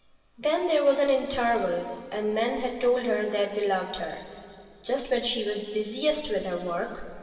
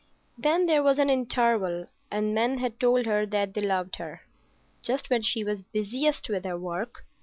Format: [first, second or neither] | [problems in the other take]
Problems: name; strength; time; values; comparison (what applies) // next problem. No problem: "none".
second | room echo; dies away in 2.7 s